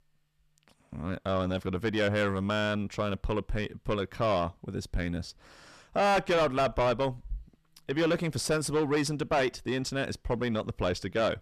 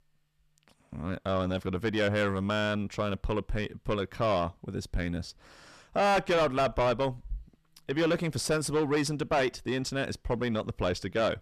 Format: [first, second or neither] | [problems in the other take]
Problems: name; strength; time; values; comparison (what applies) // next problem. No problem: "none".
neither | distortion; heavy; 6 dB below the speech; the same in both